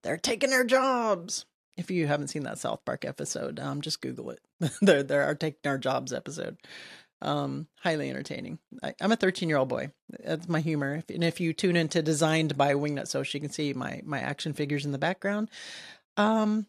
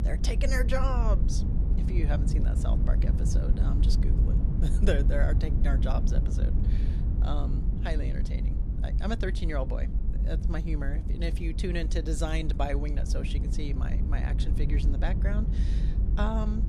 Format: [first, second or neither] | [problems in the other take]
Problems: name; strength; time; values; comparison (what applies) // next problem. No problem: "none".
first | low rumble; loud; throughout; 6 dB below the speech